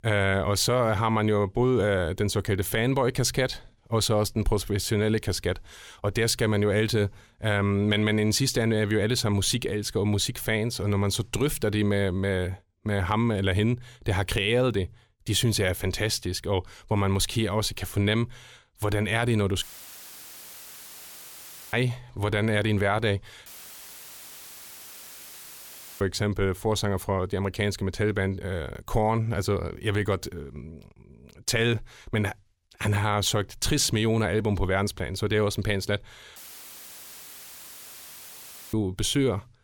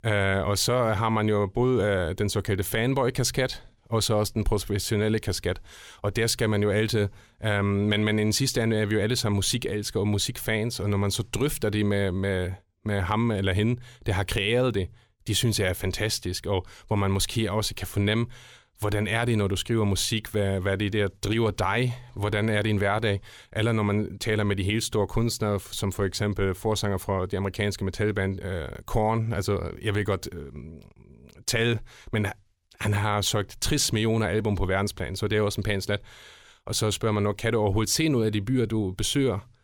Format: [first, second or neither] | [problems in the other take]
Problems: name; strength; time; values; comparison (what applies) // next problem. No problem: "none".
second | audio cutting out; filled with static; at 20 s for 2 s, at 23 s for 2.5 s and at 36 s for 2.5 s